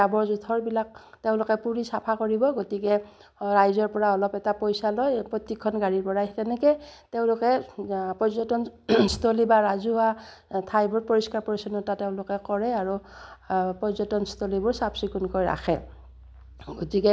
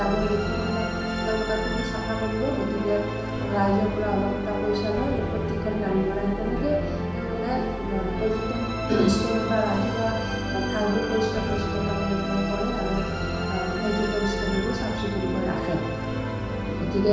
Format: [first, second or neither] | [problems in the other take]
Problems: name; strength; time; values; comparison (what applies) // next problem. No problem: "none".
first | background sound (Musical instrument); 1 dB below the speech // room echo; dies away in 1.1 s